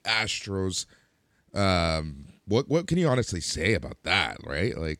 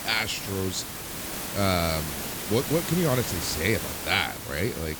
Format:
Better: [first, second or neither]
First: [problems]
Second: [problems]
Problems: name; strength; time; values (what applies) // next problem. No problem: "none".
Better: first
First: none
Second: hiss; loud; throughout; 5 dB below the speech